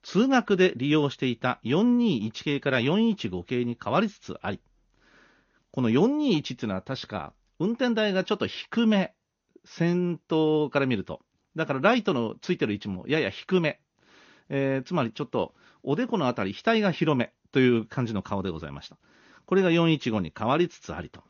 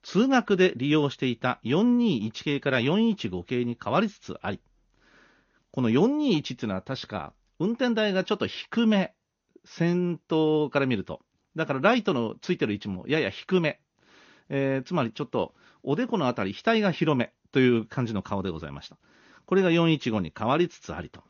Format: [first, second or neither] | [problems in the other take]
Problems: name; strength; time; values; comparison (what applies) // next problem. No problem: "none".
neither | garbled, watery; slightly; nothing above 6.5 kHz; the same in both